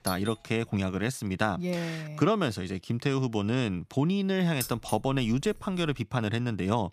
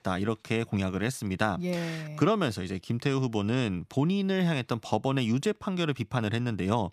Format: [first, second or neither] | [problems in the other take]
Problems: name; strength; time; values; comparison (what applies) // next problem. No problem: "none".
second | doorbell; noticeable; at the start; peak 8 dB below the speech // jangling keys; noticeable; from 4.5 to 6 s; peak 7 dB below the speech